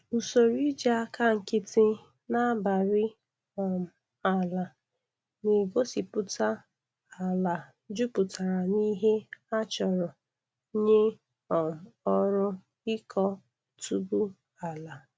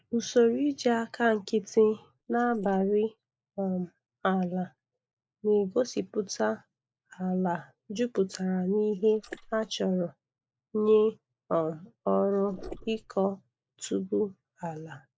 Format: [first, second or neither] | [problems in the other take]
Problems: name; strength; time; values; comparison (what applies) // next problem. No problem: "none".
first | noise reduction (neural mask model Resemble Enhance denoiser)